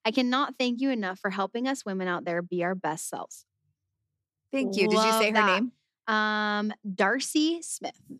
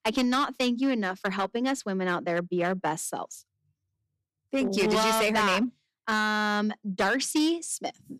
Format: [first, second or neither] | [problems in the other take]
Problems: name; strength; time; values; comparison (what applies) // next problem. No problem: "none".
first | distortion; slight; 7% of the sound clipped